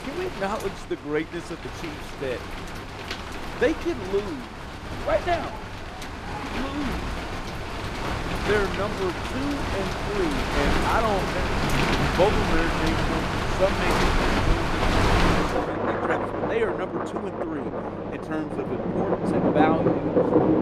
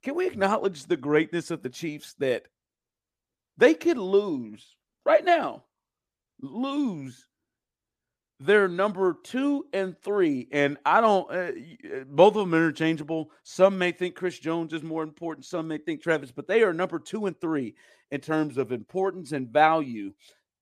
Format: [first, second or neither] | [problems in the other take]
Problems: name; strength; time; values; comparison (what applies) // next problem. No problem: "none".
second | rain or running water; very loud; throughout; 3 dB above the speech